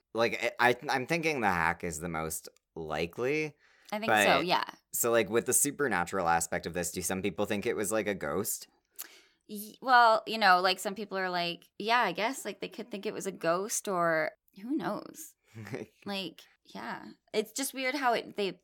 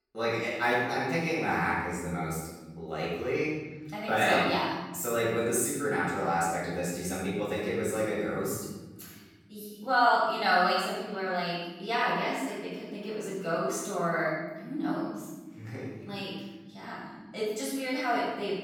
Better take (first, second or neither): first